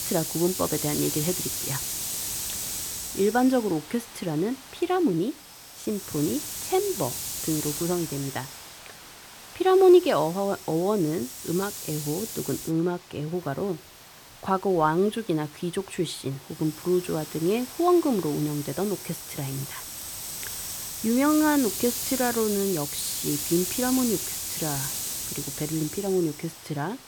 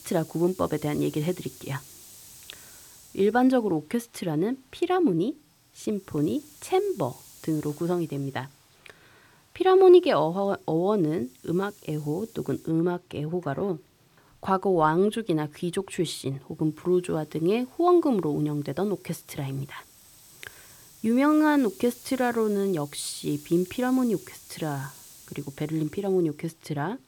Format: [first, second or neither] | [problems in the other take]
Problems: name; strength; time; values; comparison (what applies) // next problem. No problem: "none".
second | hiss; loud; throughout; 5 dB below the speech; faint in the second